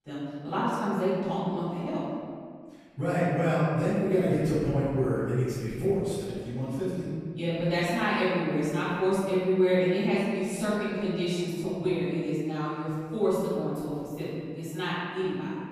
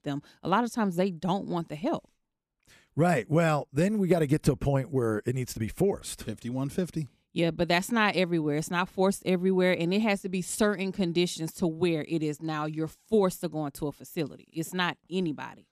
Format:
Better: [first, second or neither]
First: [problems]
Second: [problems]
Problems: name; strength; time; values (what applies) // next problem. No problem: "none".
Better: second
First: off-mic speech; far // room echo; strong; dies away in 1.8 s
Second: none